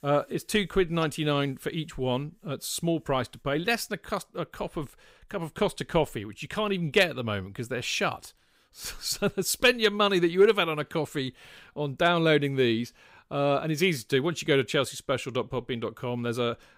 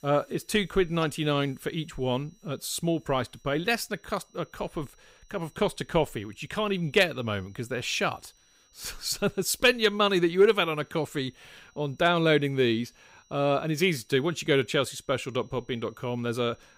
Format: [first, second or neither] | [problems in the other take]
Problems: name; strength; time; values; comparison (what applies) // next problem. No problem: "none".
first | high-pitched whine; faint; throughout; 6 kHz, 35 dB below the speech